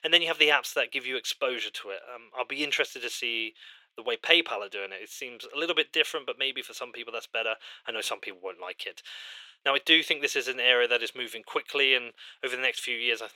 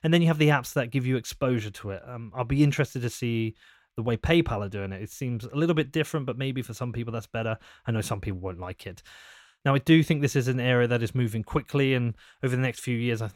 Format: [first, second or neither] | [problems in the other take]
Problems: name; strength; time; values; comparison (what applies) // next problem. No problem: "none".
second | thin; very; fading below 450 Hz